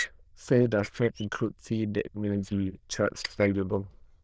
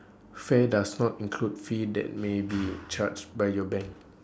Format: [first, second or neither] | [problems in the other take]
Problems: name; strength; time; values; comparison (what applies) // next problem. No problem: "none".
second | noise reduction (neural diffusion model UNIVERSE++)